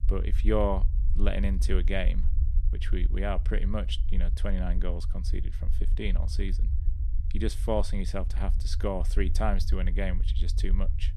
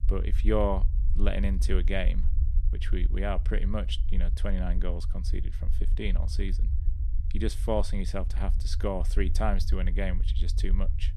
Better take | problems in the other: neither | low rumble; noticeable; throughout; 15 dB below the speech; the same in both

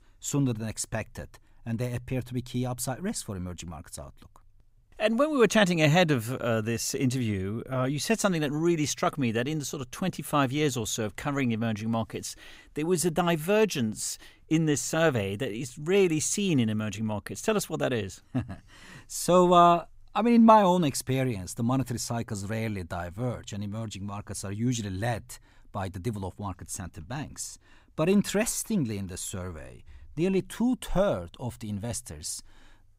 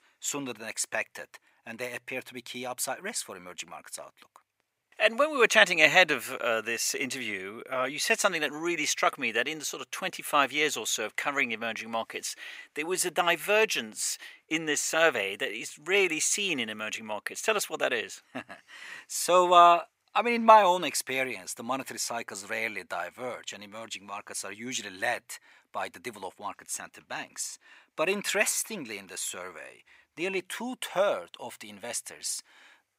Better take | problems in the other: first | thin; very; fading below 500 Hz

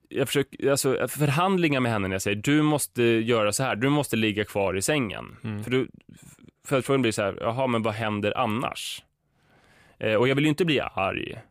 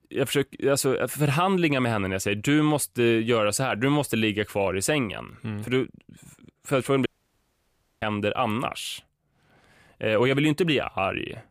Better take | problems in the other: first | audio cutting out; at 7 s for 1 s

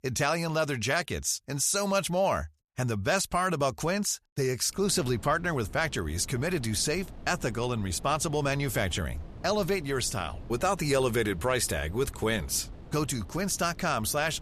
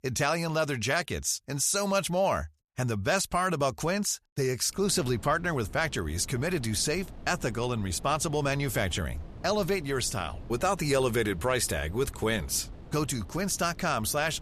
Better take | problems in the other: neither | wind noise on the microphone; occasional gusts; from 5 s on; 25 dB below the speech; the same in both

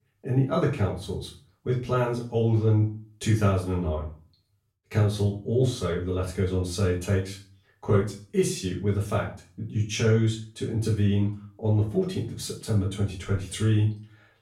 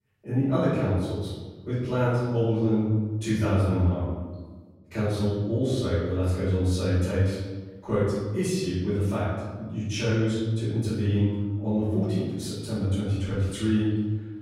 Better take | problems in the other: first | room echo; strong; dies away in 1.4 s; slight in the first // off-mic speech; far; far in the first

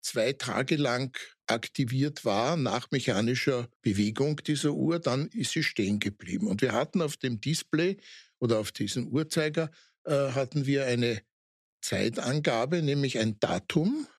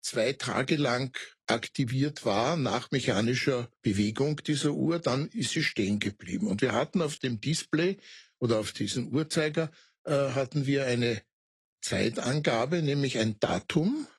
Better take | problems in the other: first | garbled, watery; slightly; nothing above 11 kHz

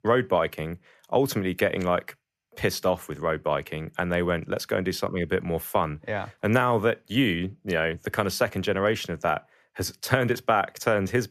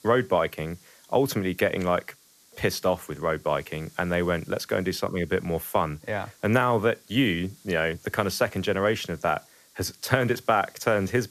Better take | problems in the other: first | hiss; faint; throughout; 25 dB below the speech

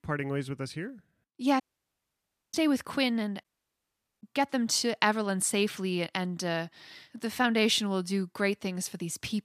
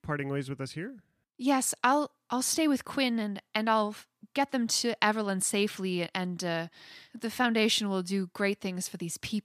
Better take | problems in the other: second | audio cutting out; at 1.5 s for 1 s and at 3.5 s for 1 s

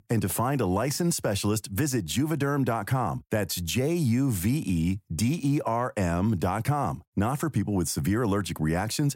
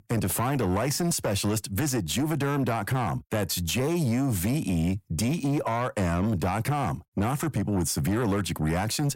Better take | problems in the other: first | distortion; slight; 10 dB below the speech

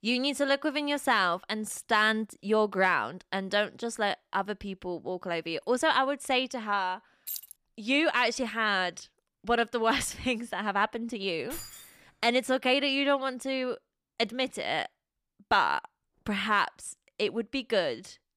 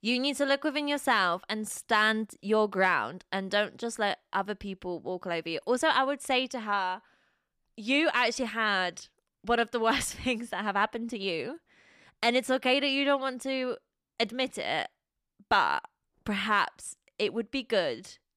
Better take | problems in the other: second | jangling keys; noticeable; at 7.5 s; peak 9 dB below the speech // jangling keys; faint; at 12 s; peak 10 dB below the speech

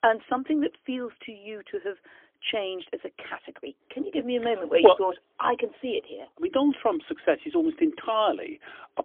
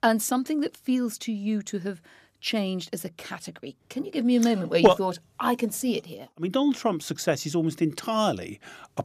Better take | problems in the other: second | phone-call audio; poor line; nothing above 3.5 kHz

